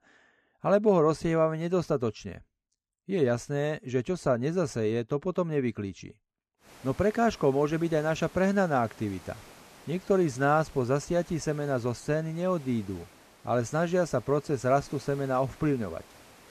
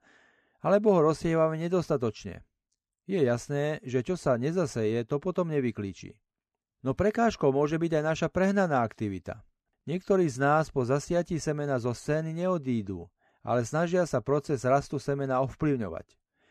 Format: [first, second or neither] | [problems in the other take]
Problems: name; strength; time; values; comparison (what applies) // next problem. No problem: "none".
second | hiss; faint; from 6.5 s on; 25 dB below the speech